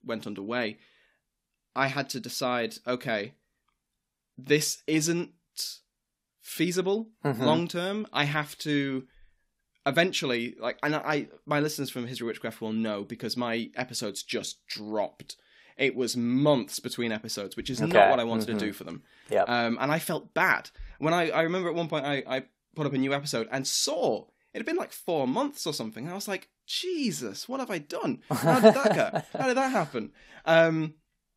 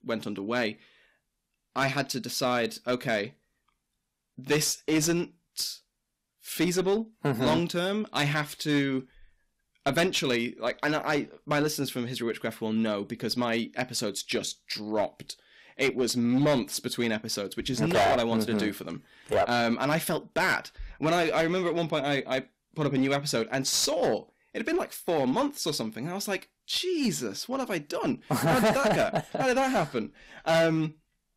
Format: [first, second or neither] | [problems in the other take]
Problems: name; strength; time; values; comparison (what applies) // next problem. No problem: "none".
first | distortion; heavy; 6% of the sound clipped